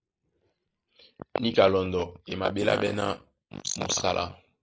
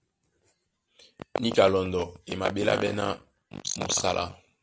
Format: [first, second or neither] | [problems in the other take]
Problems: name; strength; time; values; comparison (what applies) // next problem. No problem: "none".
second | noise reduction (neural mask model Resemble Enhance denoiser)